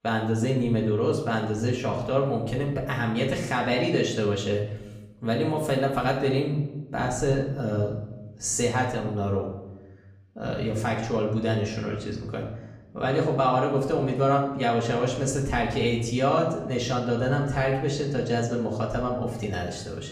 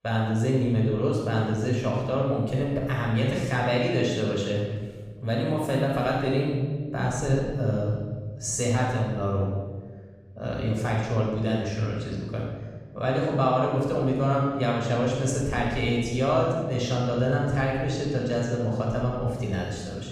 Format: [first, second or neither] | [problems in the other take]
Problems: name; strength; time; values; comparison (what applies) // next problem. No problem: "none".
first | room echo; strong; dies away in 1.5 s; slight in the first // off-mic speech; far; far in the first